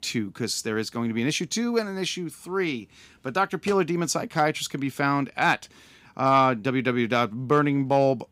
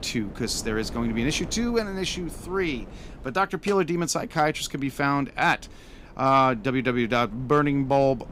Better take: first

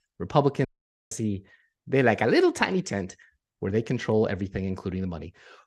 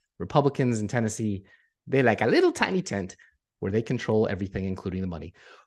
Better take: second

